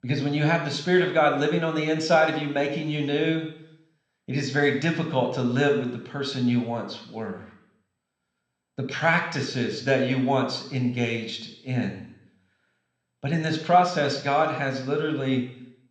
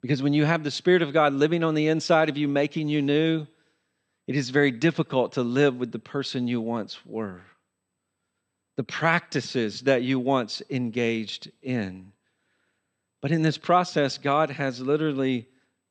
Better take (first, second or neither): second